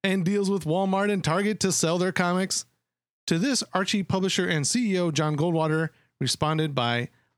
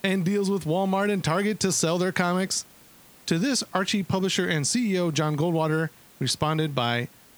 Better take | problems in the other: first | hiss; faint; throughout; 25 dB below the speech

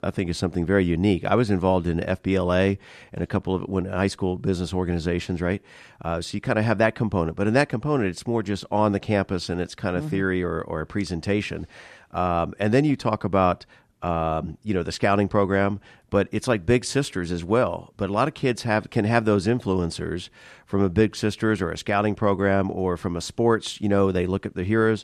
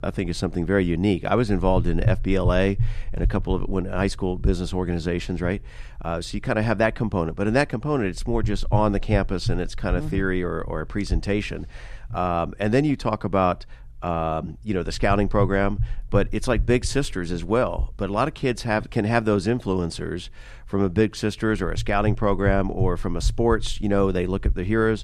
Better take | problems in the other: first | low rumble; faint; throughout; 20 dB below the speech

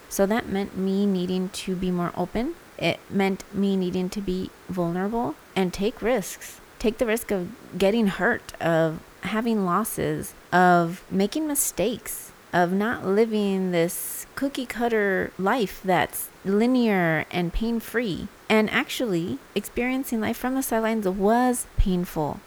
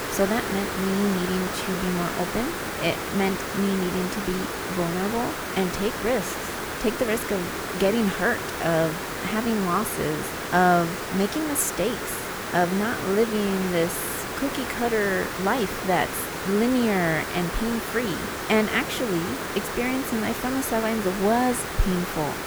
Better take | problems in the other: first | hiss; loud; throughout; 4 dB below the speech; faint in the first

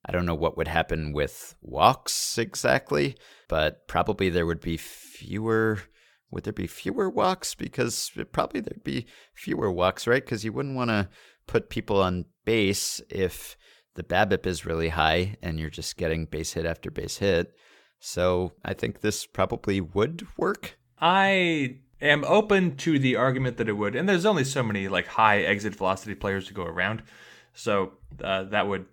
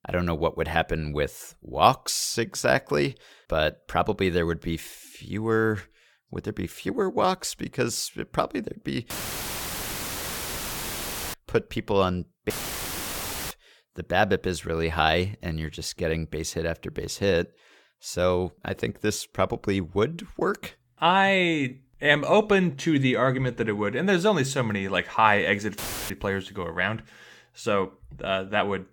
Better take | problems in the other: first | audio cutting out; filled with static; at 9 s for 2 s, at 13 s for 1 s and at 26 s

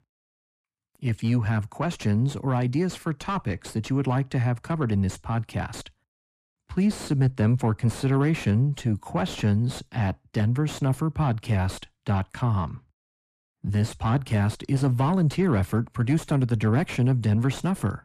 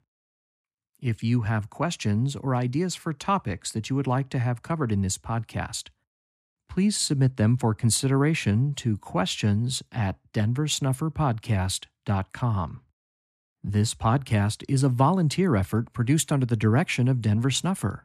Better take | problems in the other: second | distortion; slight; 10 dB below the speech

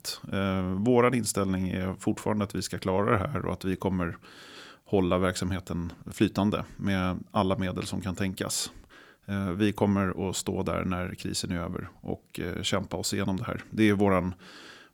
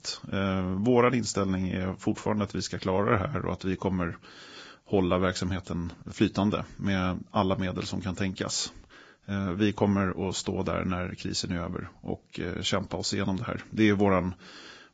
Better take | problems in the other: first | garbled, watery; badly; nothing above 7.5 kHz

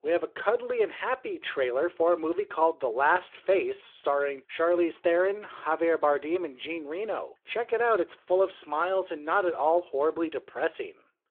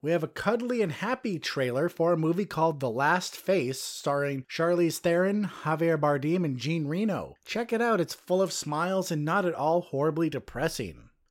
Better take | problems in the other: second | phone-call audio

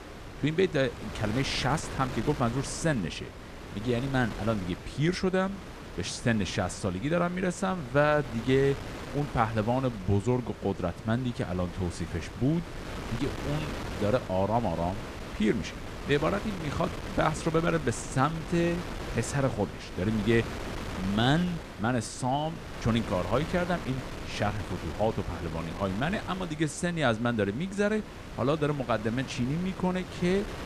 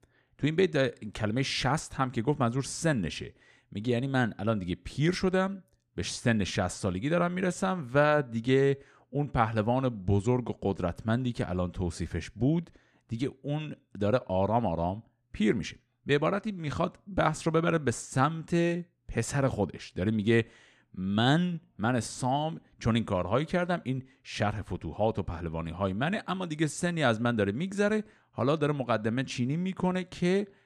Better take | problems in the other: second | wind noise on the microphone; occasional gusts; 10 dB below the speech

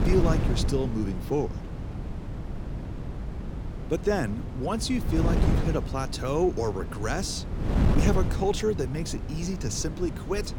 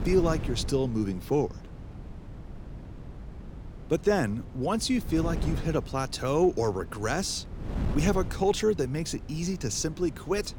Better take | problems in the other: second | wind noise on the microphone; heavy; 8 dB below the speech; occasional gusts in the second

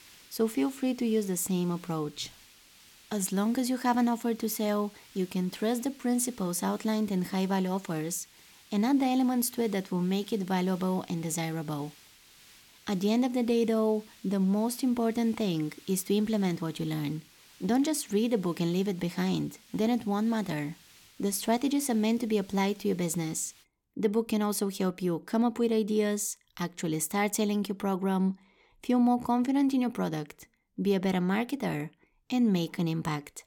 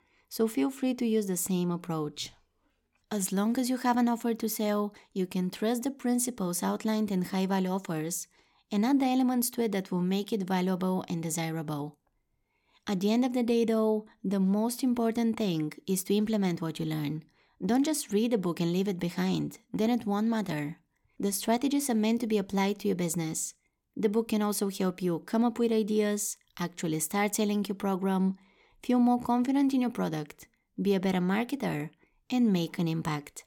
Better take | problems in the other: second | hiss; faint; until 24 s; 25 dB below the speech

